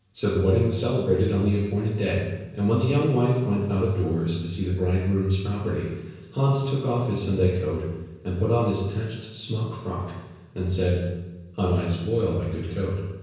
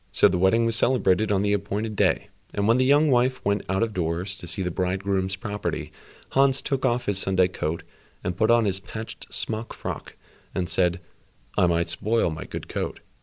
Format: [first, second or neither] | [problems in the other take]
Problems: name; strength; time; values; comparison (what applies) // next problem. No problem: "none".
second | room echo; dies away in 1 s